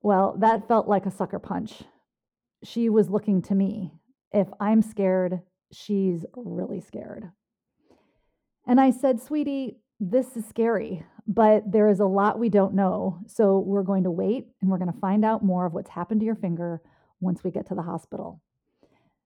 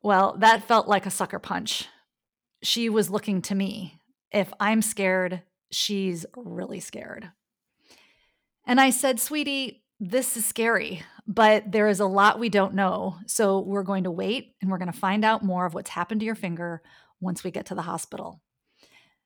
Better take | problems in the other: second | muffled; very; fading above 1.5 kHz

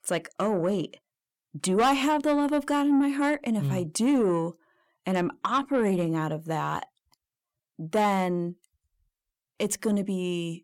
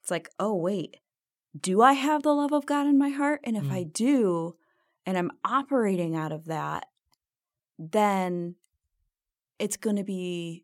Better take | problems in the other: second | distortion; slight; 10 dB below the speech

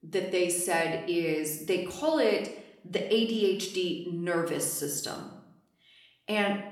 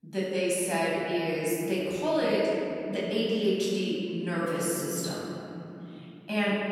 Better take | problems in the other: first | room echo; strong; dies away in 3 s; slight in the first // off-mic speech; far; somewhat distant in the first

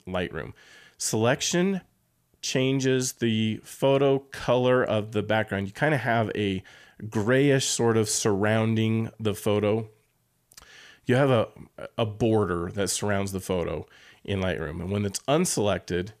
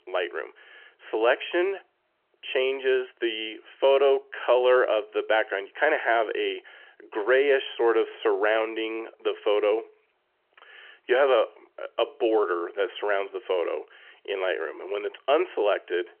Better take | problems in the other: first | phone-call audio; nothing above 3 kHz

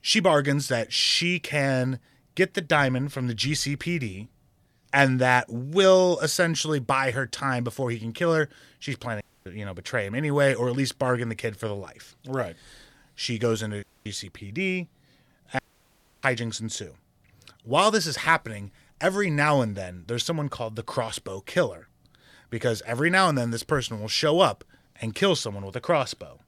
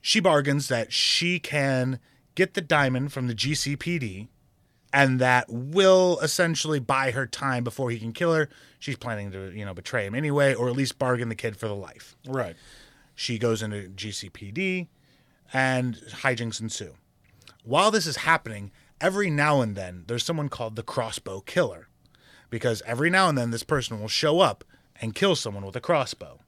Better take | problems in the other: second | audio cutting out; at 9 s, at 14 s and at 16 s for 0.5 s

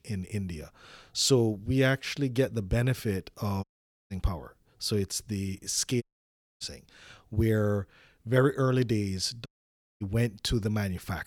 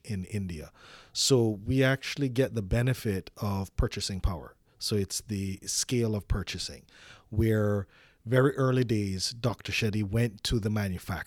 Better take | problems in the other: second | audio cutting out; at 3.5 s, at 6 s for 0.5 s and at 9.5 s for 0.5 s

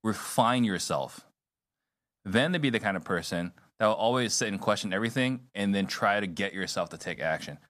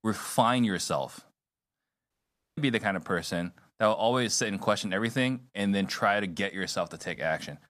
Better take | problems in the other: first | audio cutting out; at 2 s

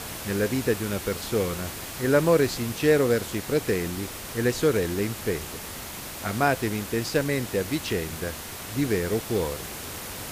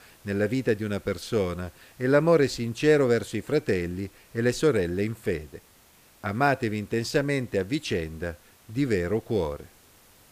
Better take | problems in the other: second | hiss; loud; throughout; 8 dB below the speech; faint in the second

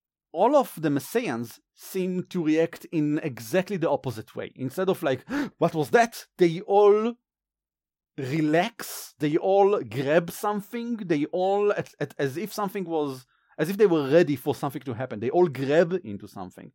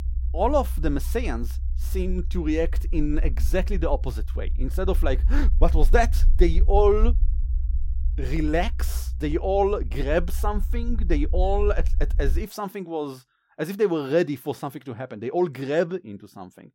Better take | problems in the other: first | low rumble; faint; until 12 s; 20 dB below the speech

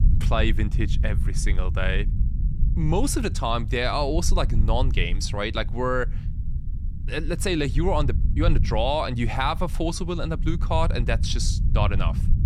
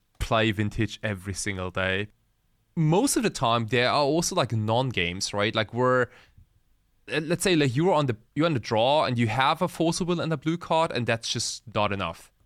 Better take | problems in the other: second | low rumble; noticeable; throughout; 15 dB below the speech

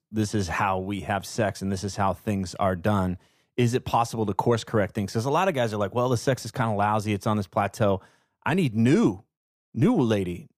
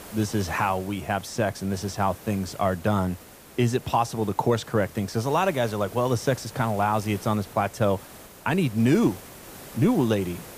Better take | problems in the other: first | hiss; noticeable; throughout; 20 dB below the speech

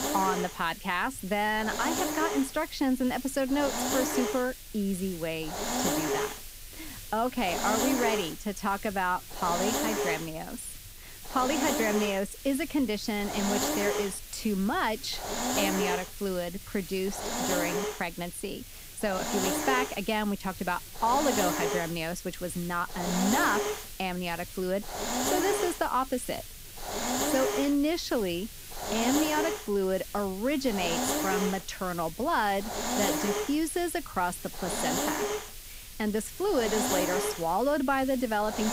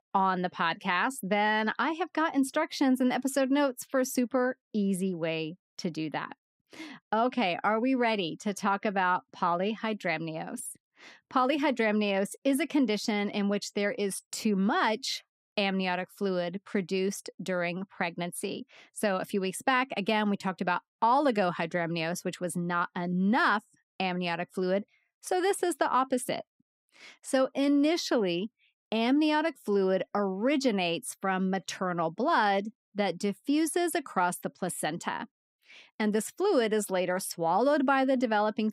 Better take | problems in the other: second | hiss; loud; throughout; 2 dB below the speech

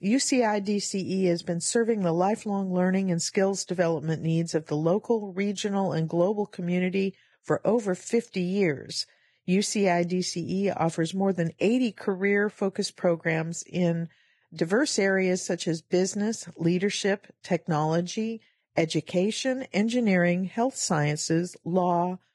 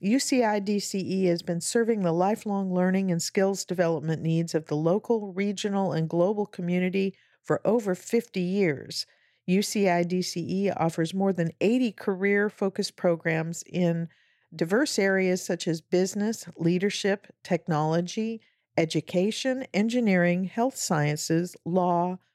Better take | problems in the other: second | garbled, watery; badly; nothing above 10 kHz

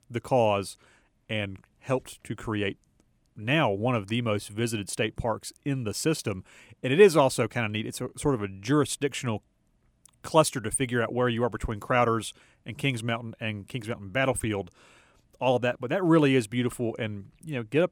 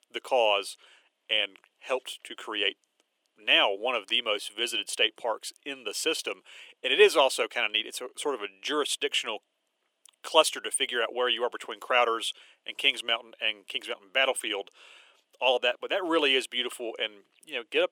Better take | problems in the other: first | thin; very; fading below 400 Hz

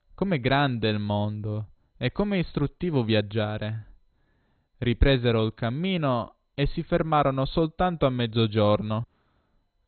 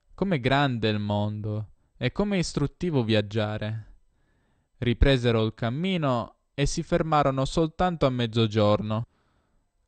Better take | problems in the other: second | garbled, watery; badly; nothing above 4 kHz; slightly in the second

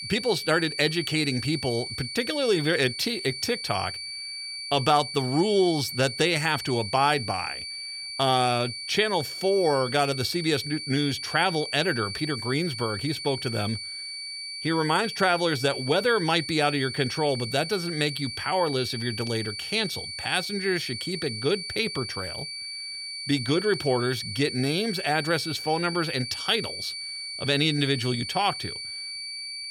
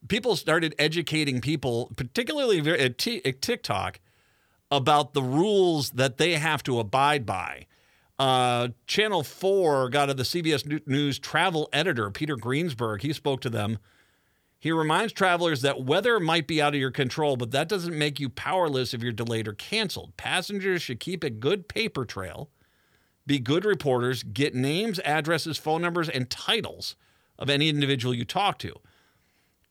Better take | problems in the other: second | high-pitched whine; loud; throughout; 4.5 kHz, 7 dB below the speech

